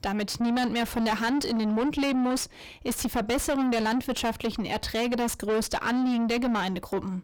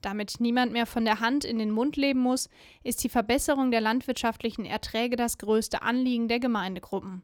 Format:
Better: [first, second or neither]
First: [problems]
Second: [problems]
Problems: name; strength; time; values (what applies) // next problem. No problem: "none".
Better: second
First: distortion; heavy; 5 dB below the speech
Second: none